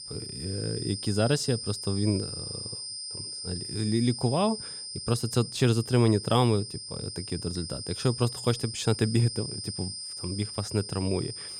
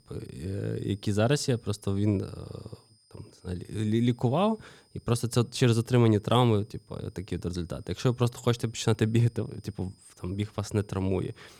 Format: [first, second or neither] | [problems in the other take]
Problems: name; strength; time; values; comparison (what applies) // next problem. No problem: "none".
second | high-pitched whine; loud; throughout; 5 kHz, 7 dB below the speech; faint in the second